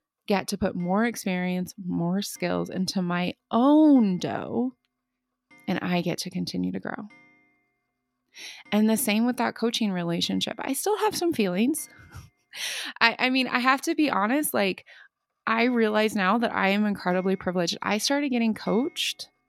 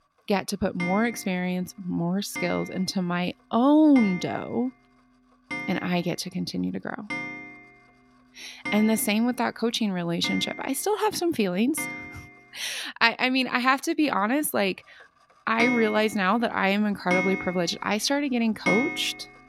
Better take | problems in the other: first | household noises; loud; throughout; 7 dB below the speech; faint in the first

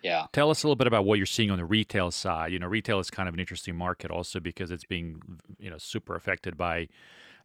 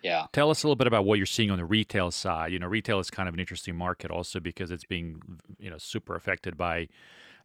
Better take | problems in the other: neither | none

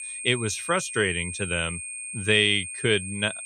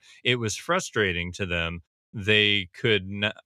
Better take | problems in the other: second | high-pitched whine; loud; throughout; 8.5 kHz, 8 dB below the speech

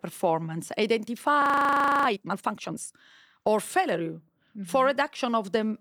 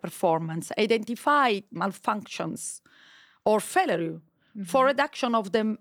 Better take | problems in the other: second | audio freezing; at 1.5 s for 0.5 s

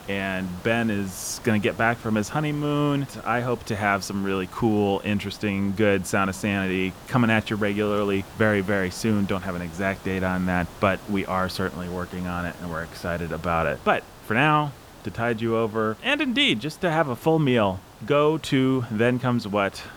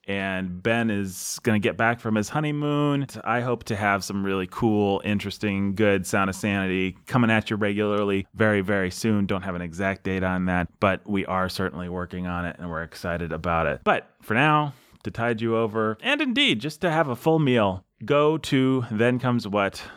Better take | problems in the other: second | hiss; noticeable; throughout; 20 dB below the speech

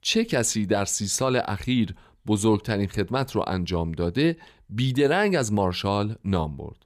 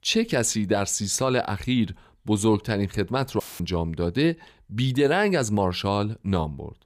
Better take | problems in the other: first | audio cutting out; filled with static; at 3.5 s

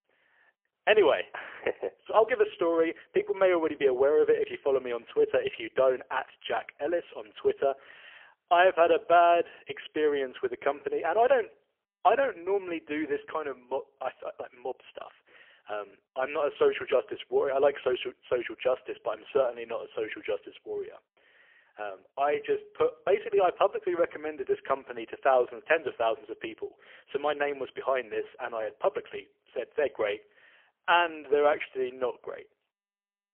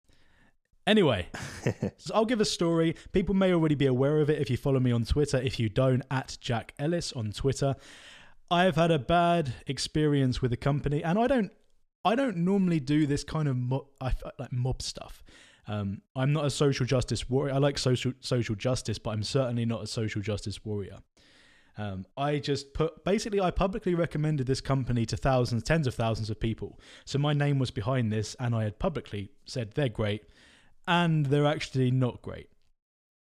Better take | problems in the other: second | phone-call audio; poor line; nothing above 3 kHz

